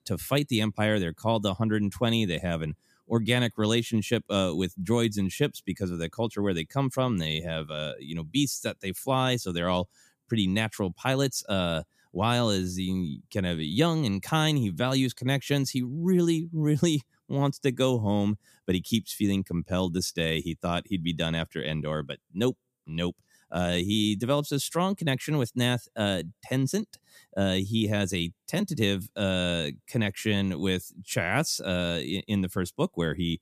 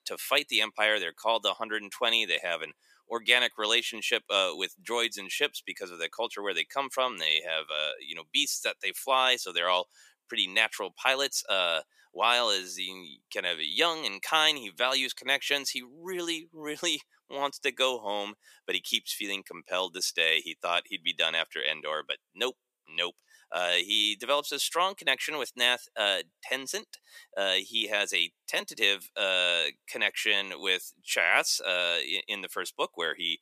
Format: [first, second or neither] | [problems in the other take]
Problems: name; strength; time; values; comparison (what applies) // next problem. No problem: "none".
first | thin; very; fading below 500 Hz